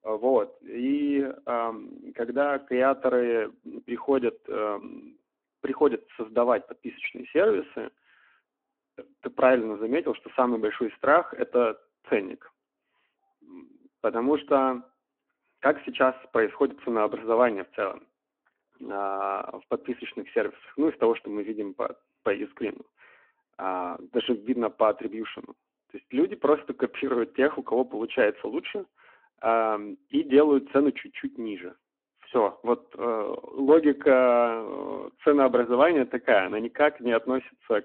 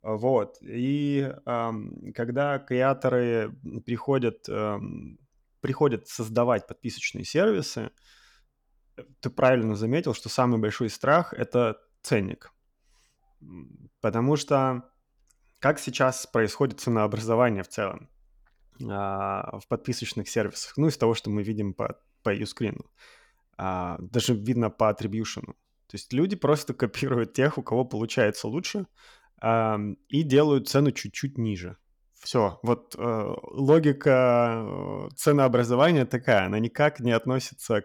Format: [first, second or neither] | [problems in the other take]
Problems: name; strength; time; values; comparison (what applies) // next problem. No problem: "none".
second | phone-call audio